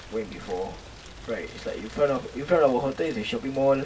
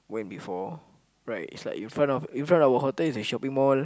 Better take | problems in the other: second | background sound (Rain); 17 dB below the speech // room echo; dies away in 0.1 s

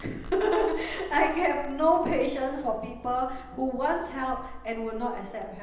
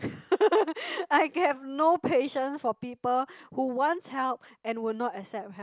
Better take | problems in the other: second | background sound (Domestic sounds, home sounds); 13 dB below the speech // room echo; dies away in 0.9 s

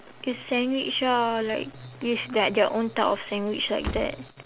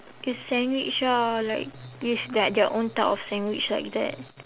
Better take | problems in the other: second | background sound (Slam); 17 dB below the speech

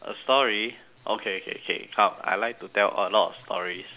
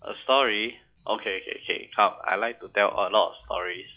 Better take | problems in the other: first | noise reduction (classical method log-MMSE)

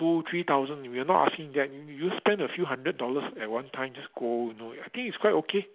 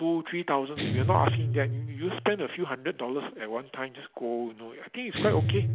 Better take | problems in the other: first | background sound (Guitar); 2 dB below the speech

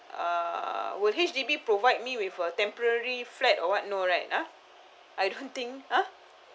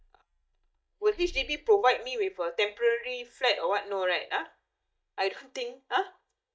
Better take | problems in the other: first | noise reduction (neural mask model DeepFilterNet 3)

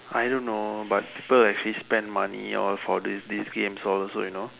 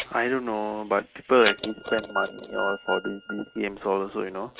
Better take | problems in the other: first | noise reduction (neural mask model RNNoise)

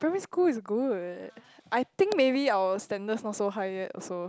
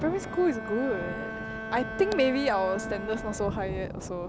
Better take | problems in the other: first | background sound (Thunder + Bowed string instrument); 7 dB below the speech

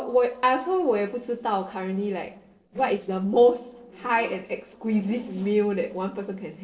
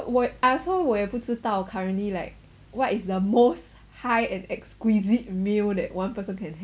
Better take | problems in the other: second | noise reduction (neural separator model SepFormer DNS4)

